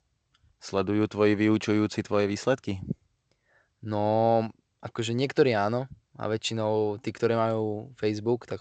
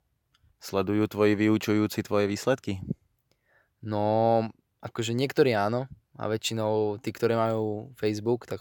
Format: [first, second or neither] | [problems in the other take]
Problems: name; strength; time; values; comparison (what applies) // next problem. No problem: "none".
second | garbled, watery; slightly; nothing above 7.5 kHz